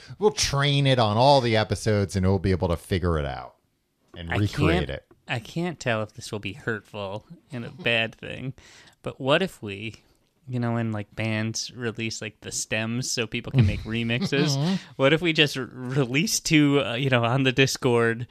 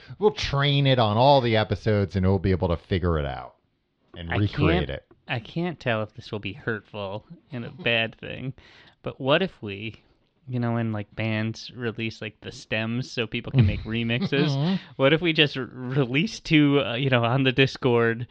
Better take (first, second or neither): first